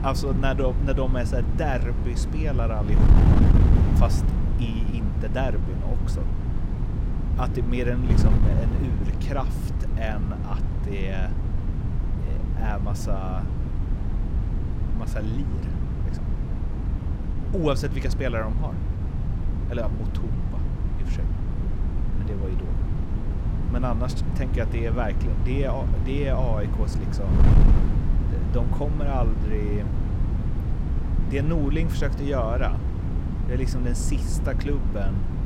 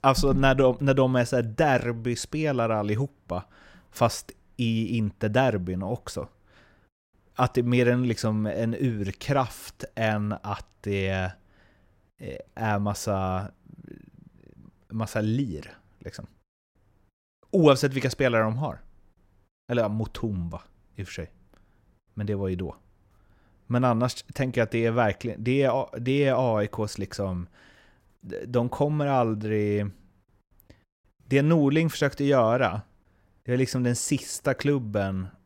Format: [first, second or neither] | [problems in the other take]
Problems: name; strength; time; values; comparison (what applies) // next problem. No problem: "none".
second | wind noise on the microphone; heavy; 5 dB below the speech